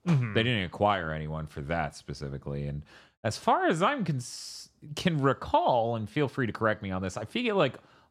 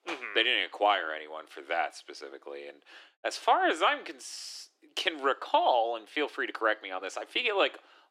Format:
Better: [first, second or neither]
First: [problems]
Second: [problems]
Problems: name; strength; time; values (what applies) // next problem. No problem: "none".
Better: first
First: none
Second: thin; very; fading below 300 Hz